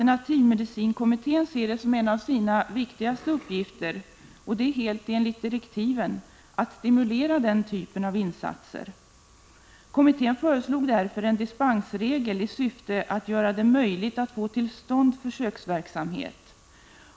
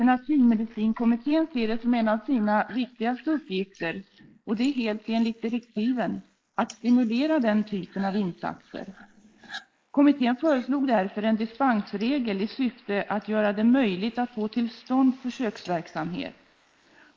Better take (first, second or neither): first